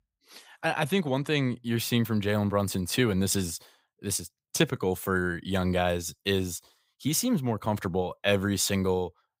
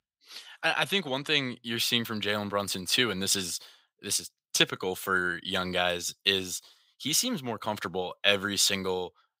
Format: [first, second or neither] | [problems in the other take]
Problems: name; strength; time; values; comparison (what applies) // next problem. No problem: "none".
first | thin; very slightly; fading below 300 Hz